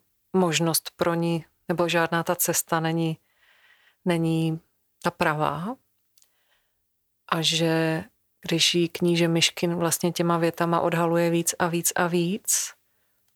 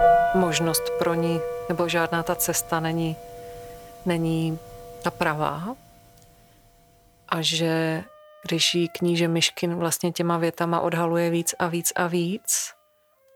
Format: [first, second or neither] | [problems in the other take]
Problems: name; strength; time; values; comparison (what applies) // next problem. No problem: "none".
first | background music; loud; throughout; 6 dB below the speech